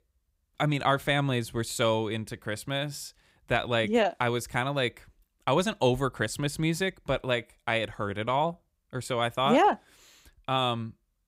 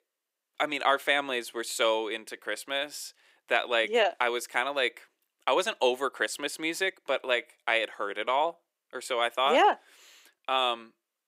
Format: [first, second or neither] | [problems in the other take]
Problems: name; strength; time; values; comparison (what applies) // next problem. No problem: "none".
first | thin; very; fading below 350 Hz